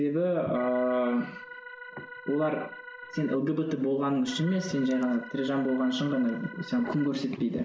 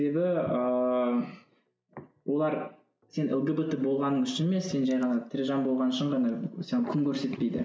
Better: second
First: background sound (Organ); 15 dB below the speech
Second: none

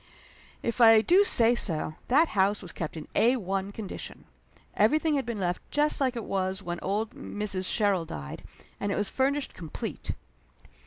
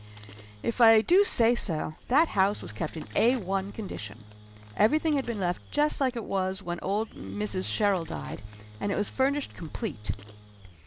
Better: first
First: none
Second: background sound (Engine / Drill); 19 dB below the speech

